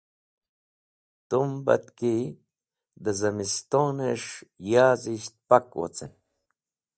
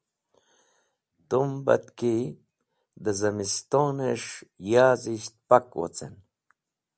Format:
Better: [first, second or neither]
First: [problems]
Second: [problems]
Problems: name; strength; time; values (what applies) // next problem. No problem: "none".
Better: second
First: noise reduction (neural mask model DeepFilterNet 3)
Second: none